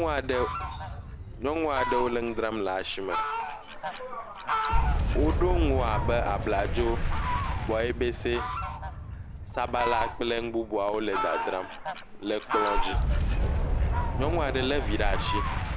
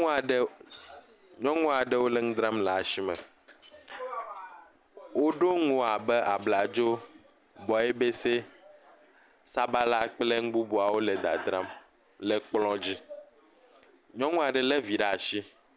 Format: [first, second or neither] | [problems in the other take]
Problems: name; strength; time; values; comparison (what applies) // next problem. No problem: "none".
second | background sound (Boom + Fowl); 2 dB above the speech